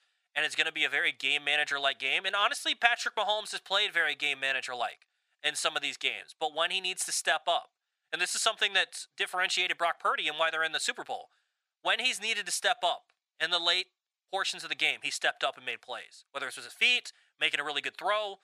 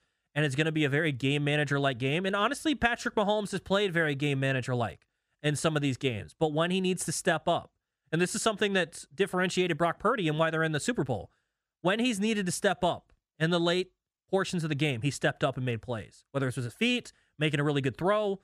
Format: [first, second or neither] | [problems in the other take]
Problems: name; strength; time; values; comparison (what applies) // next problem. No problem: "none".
second | thin; very; fading below 950 Hz